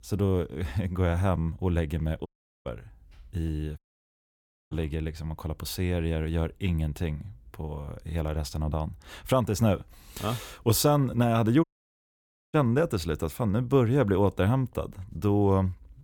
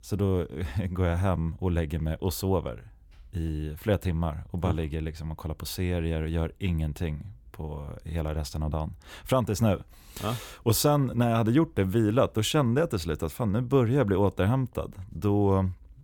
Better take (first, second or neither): second